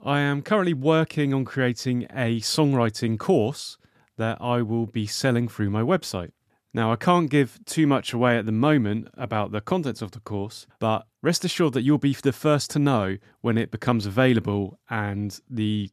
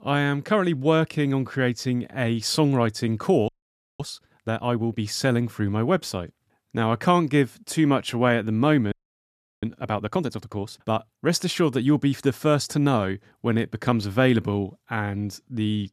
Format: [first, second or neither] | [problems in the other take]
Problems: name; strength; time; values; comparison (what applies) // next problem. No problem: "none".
first | audio freezing; at 3.5 s for 0.5 s and at 9 s for 0.5 s